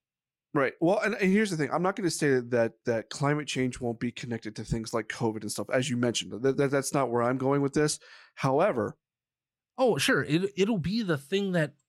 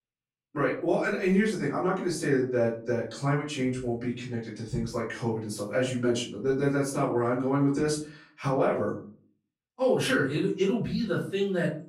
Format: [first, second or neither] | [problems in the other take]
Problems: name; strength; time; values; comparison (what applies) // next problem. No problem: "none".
first | off-mic speech; far // room echo; slight; dies away in 0.4 s